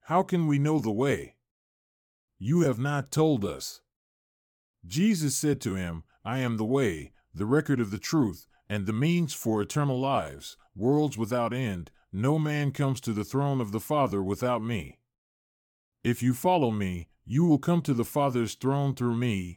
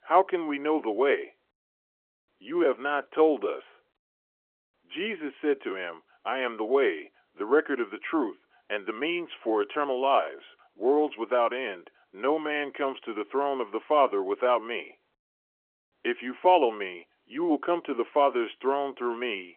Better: first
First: none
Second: phone-call audio

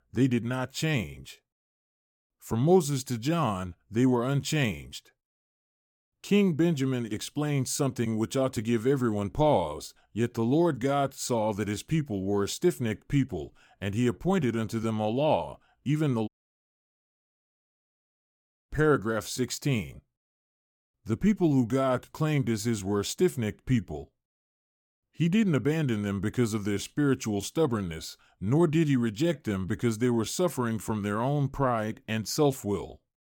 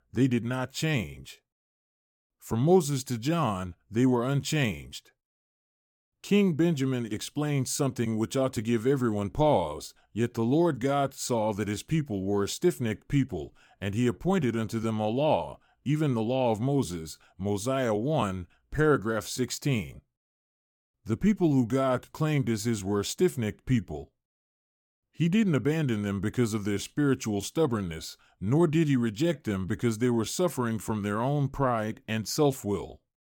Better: second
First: audio cutting out; at 16 s for 2.5 s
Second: none

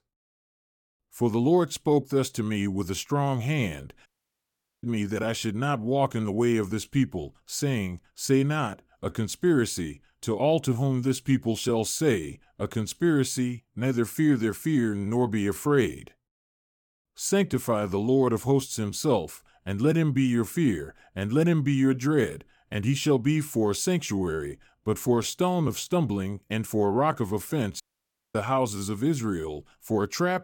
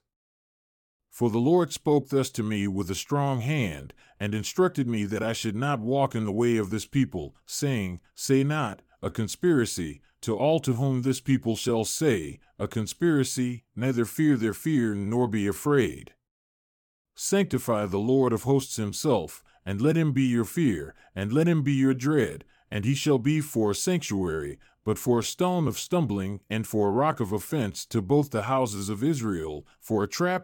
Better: second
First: audio cutting out; at 4 s for 1 s and at 28 s for 0.5 s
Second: none

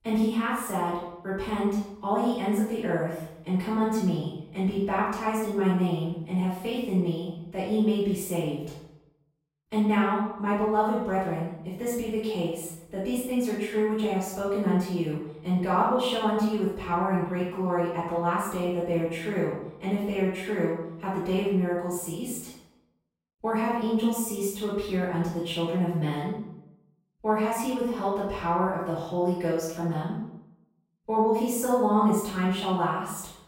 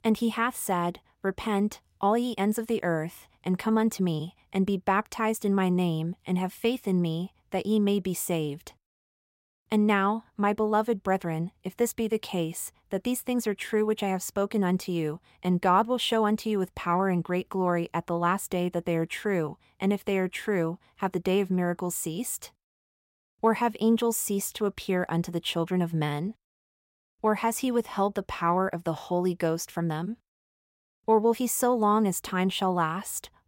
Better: second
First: off-mic speech; far // room echo; noticeable; dies away in 0.7 s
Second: none

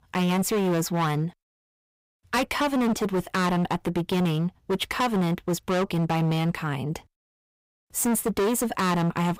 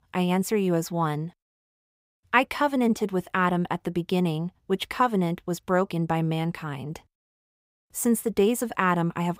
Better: second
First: distortion; heavy; 20% of the sound clipped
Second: none

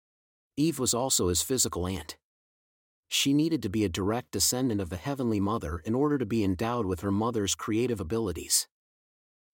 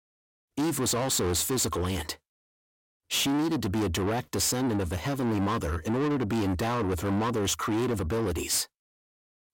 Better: first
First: none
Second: distortion; heavy; 6 dB below the speech

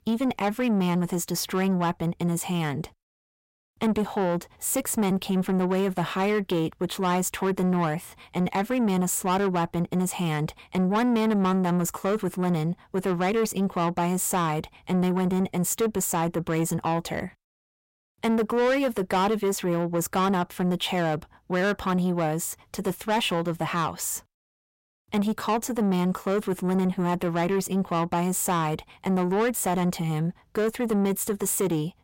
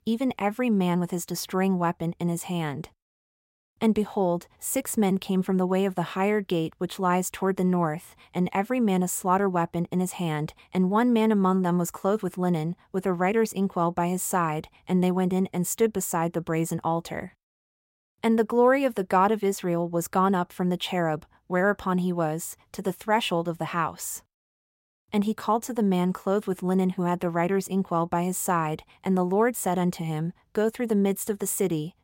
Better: second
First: distortion; slight; 10 dB below the speech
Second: none

